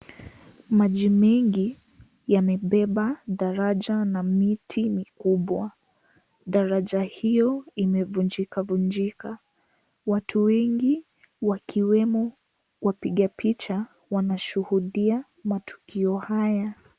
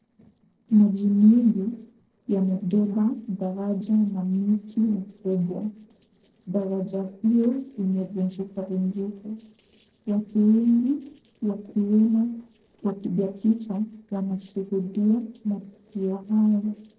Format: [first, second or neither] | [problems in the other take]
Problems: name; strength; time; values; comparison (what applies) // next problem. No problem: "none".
first | noise reduction (neural separator model SepFormer DNS4)